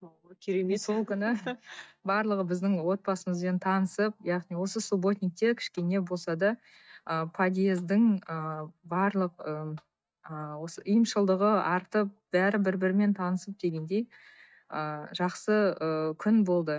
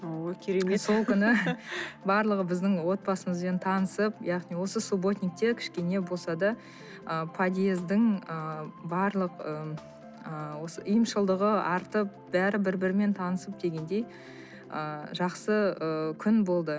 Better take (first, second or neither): second